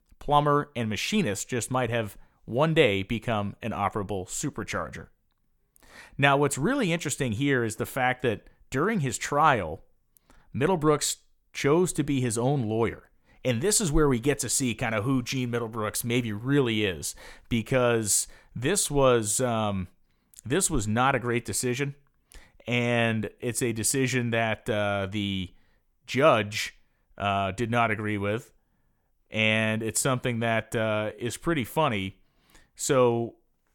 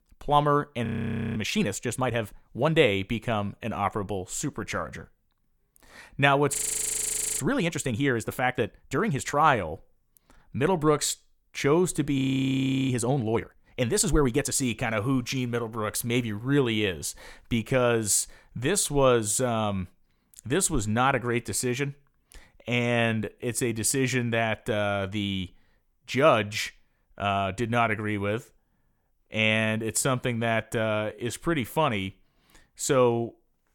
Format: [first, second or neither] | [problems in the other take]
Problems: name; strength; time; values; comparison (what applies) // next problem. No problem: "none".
first | audio freezing; at 1 s, at 6.5 s for 1 s and at 12 s for 0.5 s